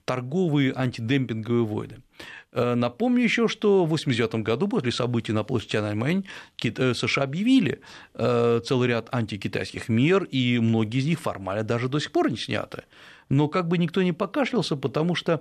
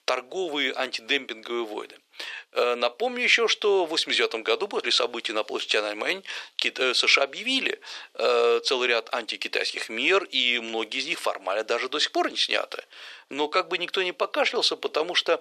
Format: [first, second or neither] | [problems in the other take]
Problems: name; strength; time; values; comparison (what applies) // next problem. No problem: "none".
first | thin; very; fading below 400 Hz